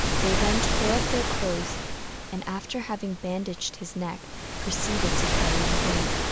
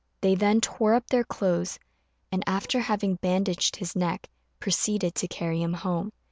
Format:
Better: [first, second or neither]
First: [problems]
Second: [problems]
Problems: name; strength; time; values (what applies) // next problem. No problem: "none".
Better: second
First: background sound (Waves, surf); 5 dB above the speech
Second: none